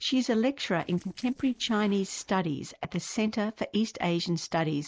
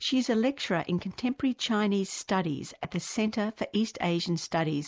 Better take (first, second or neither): second